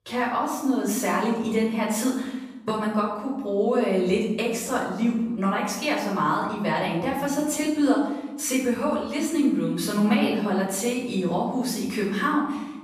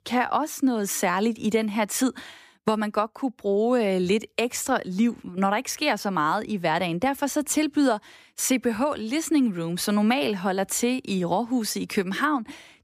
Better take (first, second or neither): second